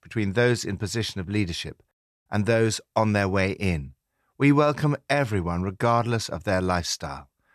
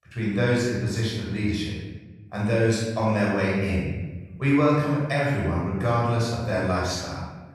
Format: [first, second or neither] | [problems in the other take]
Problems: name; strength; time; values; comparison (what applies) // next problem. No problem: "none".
first | off-mic speech; far // room echo; strong; dies away in 1.1 s